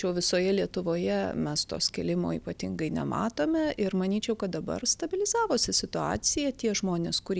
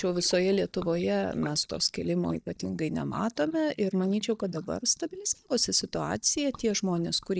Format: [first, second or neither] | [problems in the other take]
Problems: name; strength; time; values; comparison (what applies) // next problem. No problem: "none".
first | noise reduction (neural mask model DeepFilterNet 3)